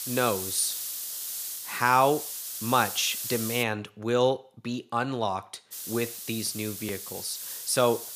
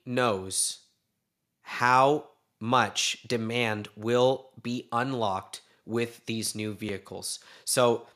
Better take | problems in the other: second | hiss; loud; until 3.5 s and from 5.5 s on; 6 dB below the speech

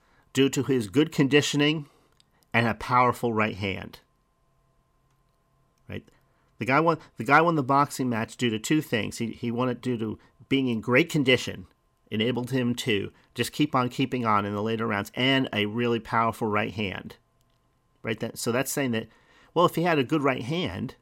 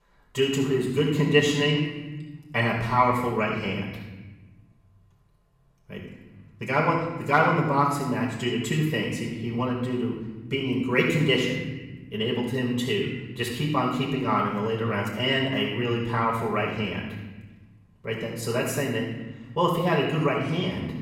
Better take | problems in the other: first | off-mic speech; far // room echo; noticeable; dies away in 1.2 s

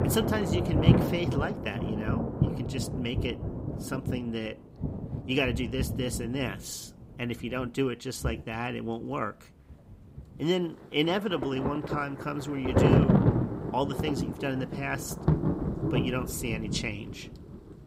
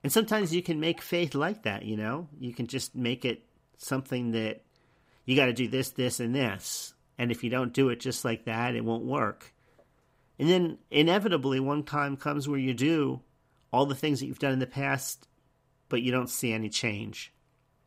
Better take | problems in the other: second | rain or running water; very loud; throughout; 2 dB above the speech

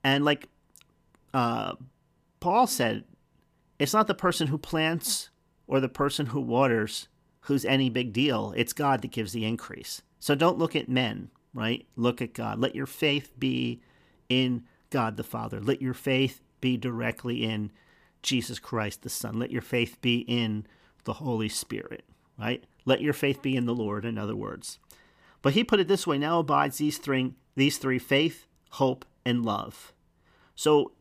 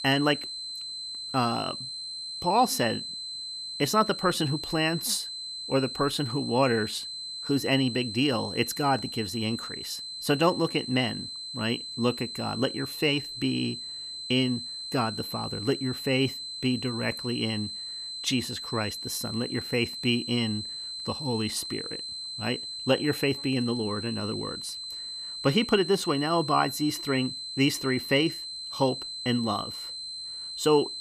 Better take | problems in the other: first | high-pitched whine; loud; throughout; 4 kHz, 6 dB below the speech

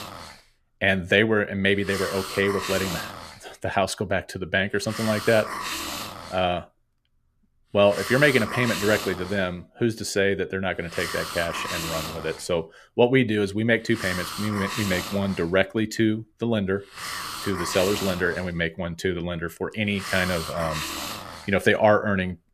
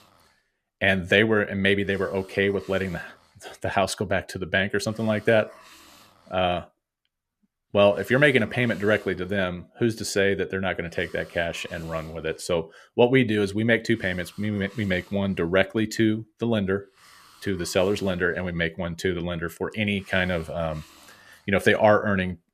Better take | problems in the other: second | hiss; loud; throughout; 8 dB below the speech; faint in the second

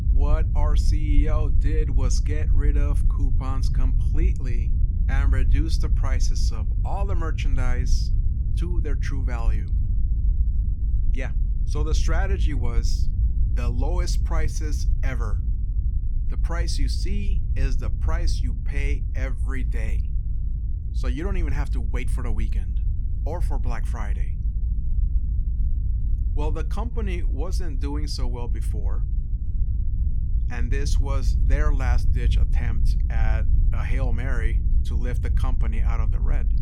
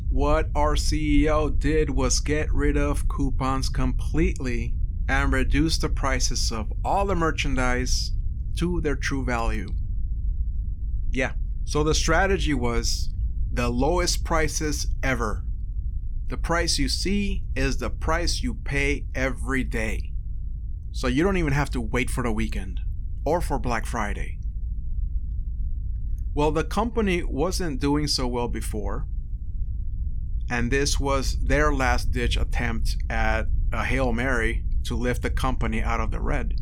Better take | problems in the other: second | low rumble; loud; throughout; 8 dB below the speech; faint in the second

